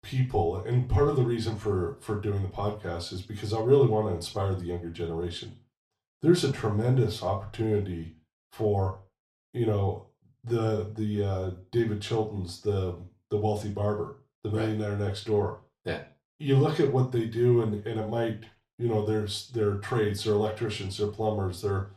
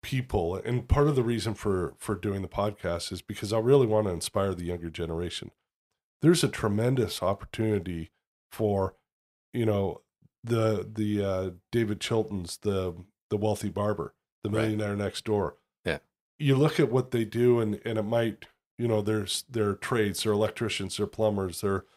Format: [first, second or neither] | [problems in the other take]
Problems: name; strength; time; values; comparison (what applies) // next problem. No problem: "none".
second | room echo; slight; dies away in 0.3 s // off-mic speech; far